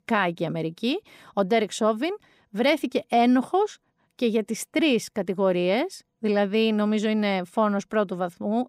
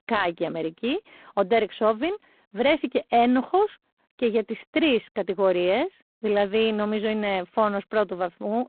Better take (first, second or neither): first